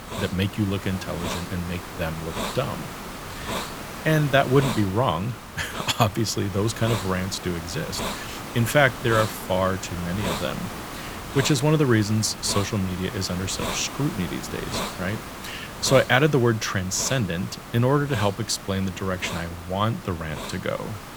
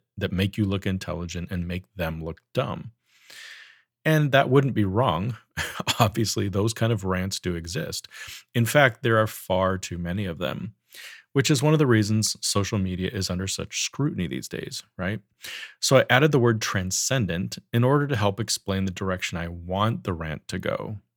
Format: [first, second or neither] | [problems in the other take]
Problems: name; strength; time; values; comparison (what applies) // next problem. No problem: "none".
second | hiss; loud; throughout; 9 dB below the speech